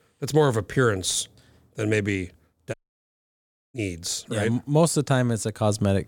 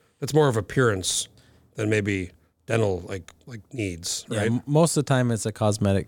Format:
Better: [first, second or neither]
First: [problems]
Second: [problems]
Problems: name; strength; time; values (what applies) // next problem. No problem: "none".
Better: second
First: audio cutting out; at 2.5 s for 1 s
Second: none